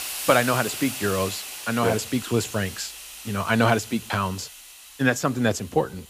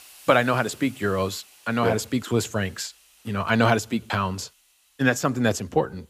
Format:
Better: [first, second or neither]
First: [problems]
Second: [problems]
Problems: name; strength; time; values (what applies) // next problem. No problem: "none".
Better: second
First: hiss; loud; throughout; 9 dB below the speech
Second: hiss; faint; throughout; 25 dB below the speech